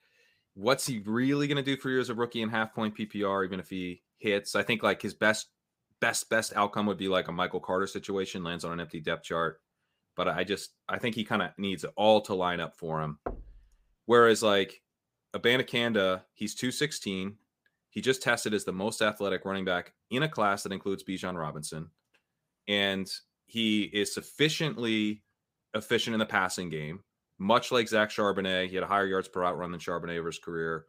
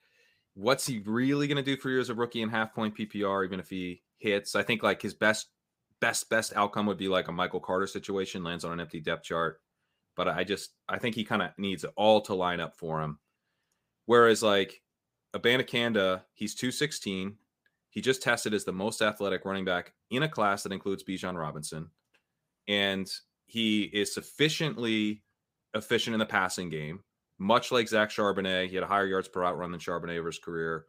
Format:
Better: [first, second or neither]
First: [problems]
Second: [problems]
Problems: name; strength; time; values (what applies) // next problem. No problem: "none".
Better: second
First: door banging; faint; at 13 s; peak 10 dB below the speech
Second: none